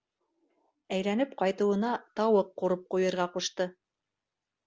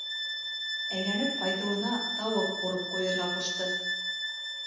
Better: first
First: none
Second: background sound (Bowed string instrument); as loud as the speech // room echo; dies away in 1.1 s

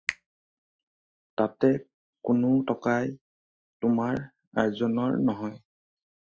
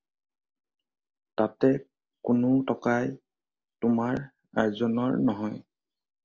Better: second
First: noise reduction (classical method Wiener filter)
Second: none

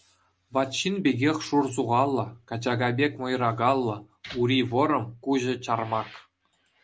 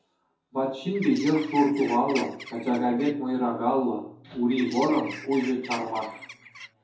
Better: first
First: none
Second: background sound (Bird); 14 dB below the speech // room echo; dies away in 0.6 s

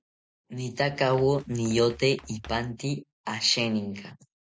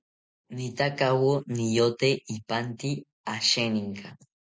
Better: second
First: background sound (Run); 20 dB below the speech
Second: none

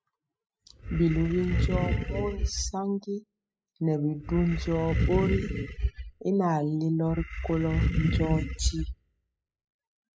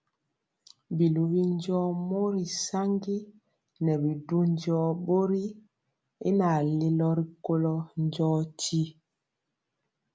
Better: second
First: noise reduction (classical method spectral subtraction)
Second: none

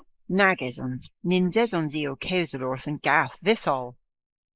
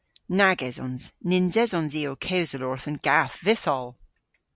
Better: second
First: noise reduction (neural mask model Resemble Enhance denoiser)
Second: none

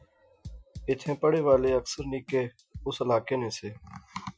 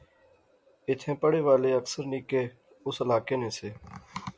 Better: second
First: noise reduction (classical method Wiener filter)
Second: none

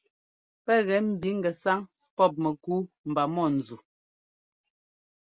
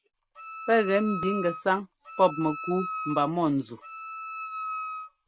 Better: first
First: none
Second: background sound (Wind instrument, woodwind instrument); 9 dB below the speech

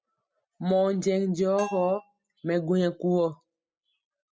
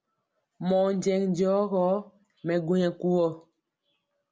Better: second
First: noise reduction (classical method spectral subtraction)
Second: none

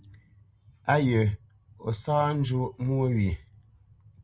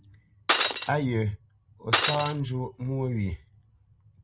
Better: first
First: none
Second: background sound (Shatter); 5 dB above the speech

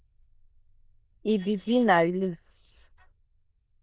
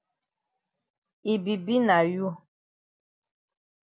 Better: second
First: noise reduction (neural diffusion model UNIVERSE++)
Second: none

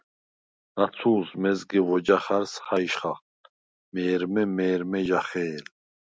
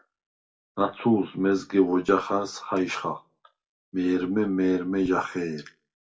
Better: first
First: none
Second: room echo; dies away in 0.2 s

